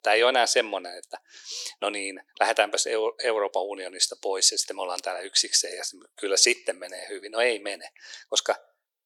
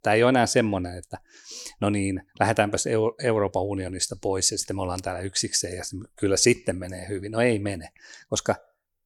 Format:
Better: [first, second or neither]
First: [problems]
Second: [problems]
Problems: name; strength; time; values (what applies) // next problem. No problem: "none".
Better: second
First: thin; very; fading below 450 Hz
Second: none